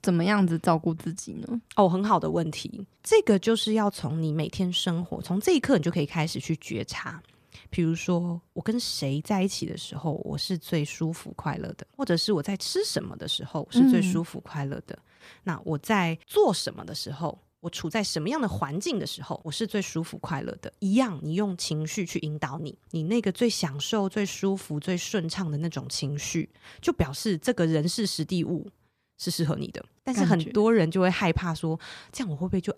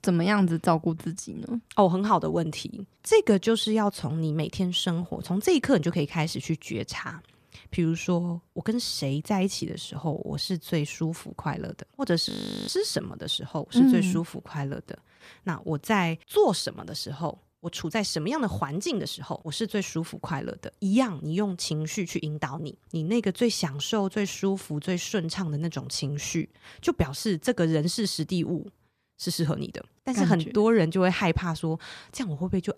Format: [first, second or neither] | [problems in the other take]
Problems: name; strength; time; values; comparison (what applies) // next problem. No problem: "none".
first | audio freezing; at 12 s